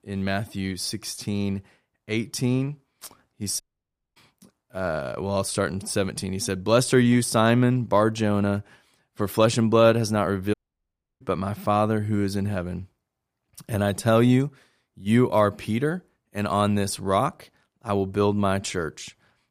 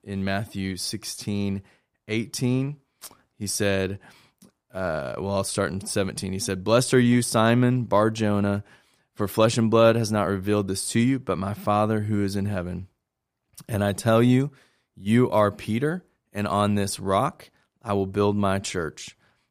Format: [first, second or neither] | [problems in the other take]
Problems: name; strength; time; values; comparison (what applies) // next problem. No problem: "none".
second | audio cutting out; at 3.5 s for 0.5 s and at 11 s for 0.5 s